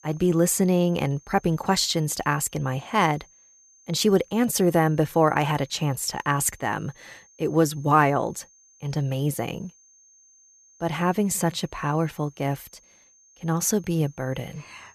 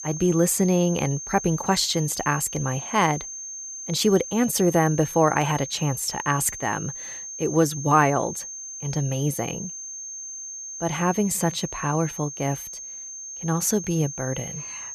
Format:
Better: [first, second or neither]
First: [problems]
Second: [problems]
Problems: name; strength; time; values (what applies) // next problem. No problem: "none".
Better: first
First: high-pitched whine; faint; throughout; 6.5 kHz, 30 dB below the speech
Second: high-pitched whine; loud; throughout; 6.5 kHz, 9 dB below the speech